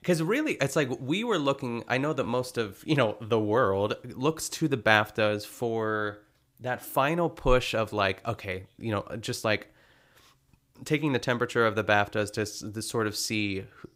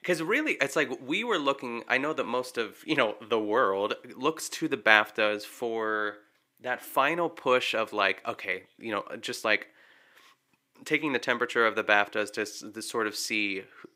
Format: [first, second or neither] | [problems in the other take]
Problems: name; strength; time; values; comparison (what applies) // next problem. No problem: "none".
first | thin; very slightly; fading below 300 Hz